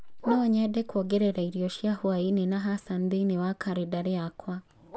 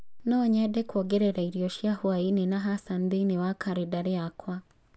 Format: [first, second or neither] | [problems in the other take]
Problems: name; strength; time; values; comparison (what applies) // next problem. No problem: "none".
second | background sound (Bark); 16 dB below the speech